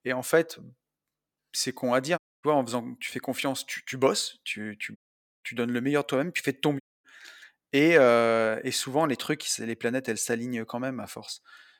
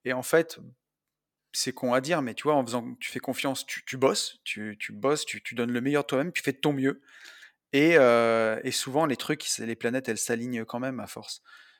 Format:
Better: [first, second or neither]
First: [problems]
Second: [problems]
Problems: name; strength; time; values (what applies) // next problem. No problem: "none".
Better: second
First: audio cutting out; at 2 s, at 5 s and at 7 s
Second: none